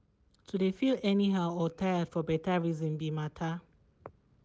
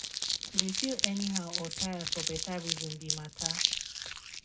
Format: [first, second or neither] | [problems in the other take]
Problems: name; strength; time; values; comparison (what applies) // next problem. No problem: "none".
first | background sound (Crumpling, crinkling); 4 dB above the speech // room echo; dies away in 0.3 s